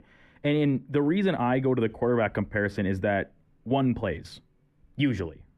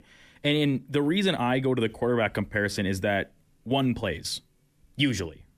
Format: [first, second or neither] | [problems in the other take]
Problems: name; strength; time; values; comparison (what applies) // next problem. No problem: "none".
second | muffled; very; fading above 3 kHz